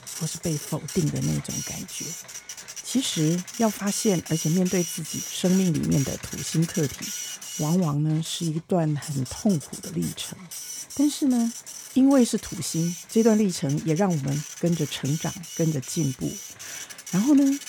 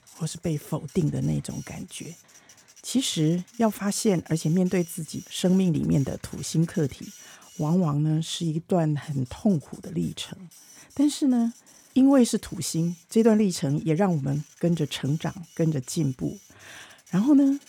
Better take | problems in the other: second | household noises; loud; throughout; 9 dB below the speech; faint in the second

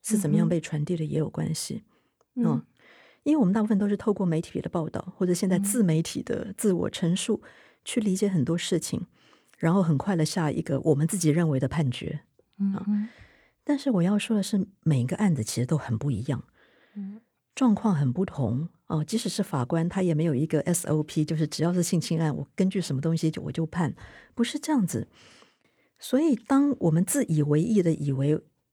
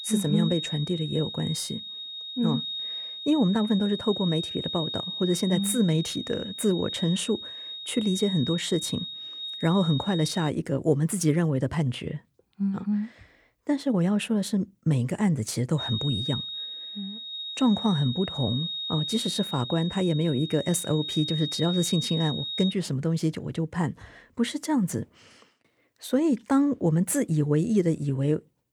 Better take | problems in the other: first | high-pitched whine; loud; until 10 s and from 16 to 23 s; 3.5 kHz, 6 dB below the speech

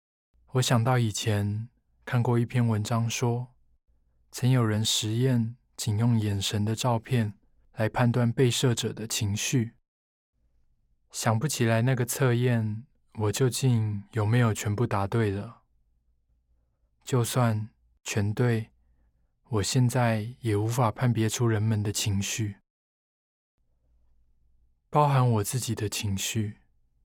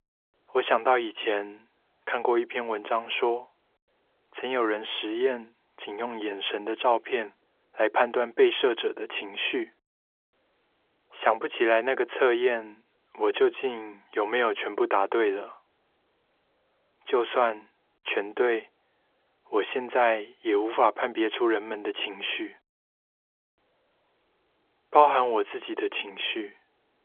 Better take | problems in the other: first | phone-call audio; nothing above 3.5 kHz

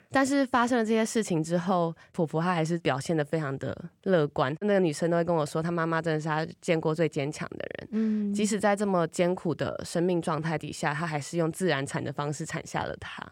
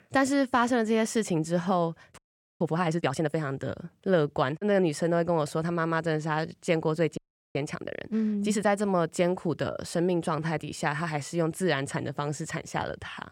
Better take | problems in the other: first | audio freezing; at 2 s and at 7 s

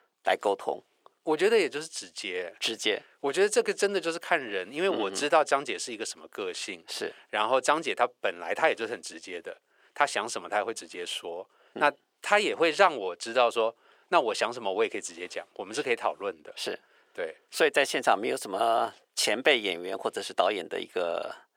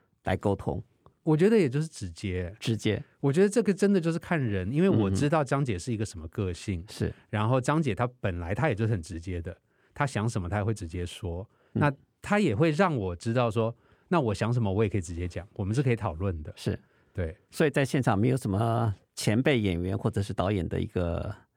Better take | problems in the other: second | thin; very; fading below 450 Hz

